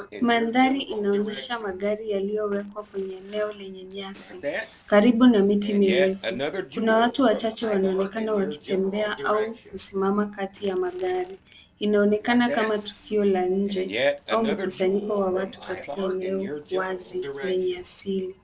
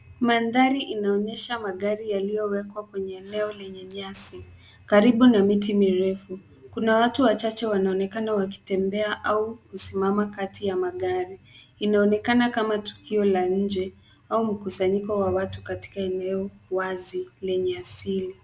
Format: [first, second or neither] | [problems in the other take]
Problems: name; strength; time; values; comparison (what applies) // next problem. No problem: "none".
second | noise reduction (neural separator model SepFormer DNS4)